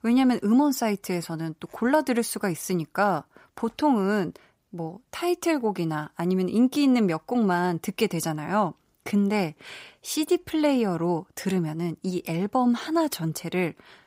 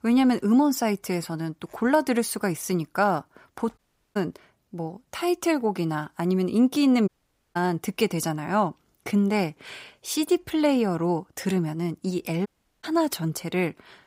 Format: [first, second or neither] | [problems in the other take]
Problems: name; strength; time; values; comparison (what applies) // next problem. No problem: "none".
first | audio cutting out; at 4 s, at 7 s and at 12 s